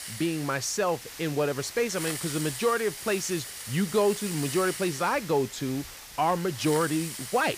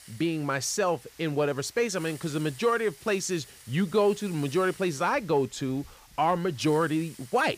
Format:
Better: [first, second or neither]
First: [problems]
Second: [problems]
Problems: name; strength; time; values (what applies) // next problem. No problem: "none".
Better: second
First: hiss; loud; throughout; 8 dB below the speech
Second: hiss; faint; throughout; 20 dB below the speech